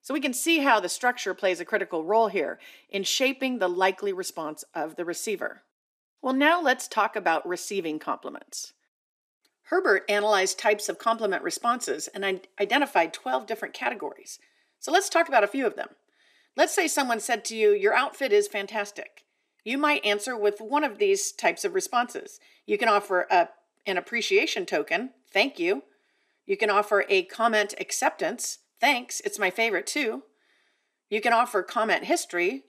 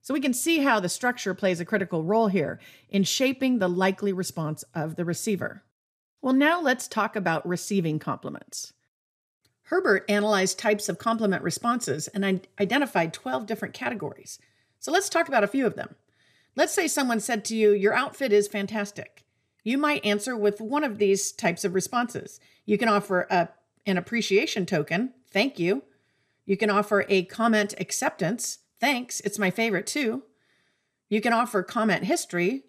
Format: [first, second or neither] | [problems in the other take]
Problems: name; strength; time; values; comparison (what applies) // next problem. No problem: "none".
second | thin; somewhat; fading below 300 Hz